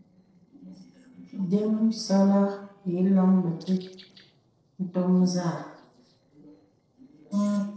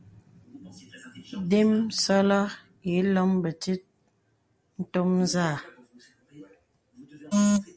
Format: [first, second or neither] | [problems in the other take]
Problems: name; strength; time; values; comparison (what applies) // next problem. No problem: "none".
second | noise reduction (neural separator model SepFormer DNS4)